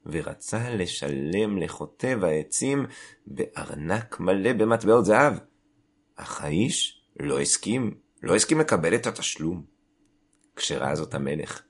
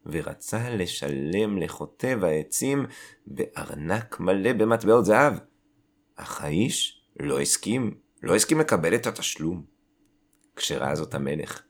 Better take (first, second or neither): second